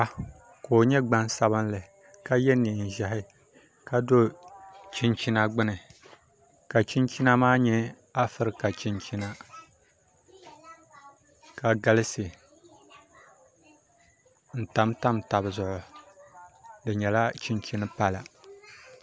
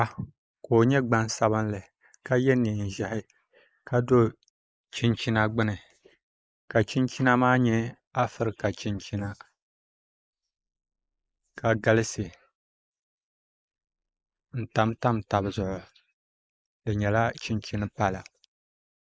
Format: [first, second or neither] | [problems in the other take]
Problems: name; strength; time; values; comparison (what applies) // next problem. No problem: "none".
first | noise reduction (neural mask model Resemble Enhance denoiser)